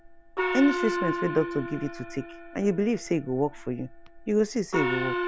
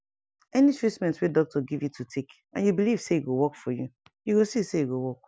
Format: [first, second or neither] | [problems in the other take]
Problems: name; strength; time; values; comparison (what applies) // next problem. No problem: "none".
second | background sound (Gong); 5 dB below the speech